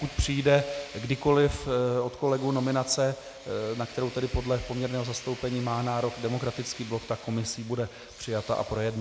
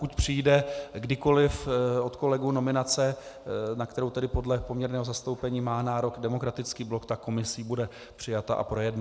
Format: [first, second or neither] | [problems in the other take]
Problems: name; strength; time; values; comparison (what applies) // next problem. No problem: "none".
second | background sound (Tools); 18 dB below the speech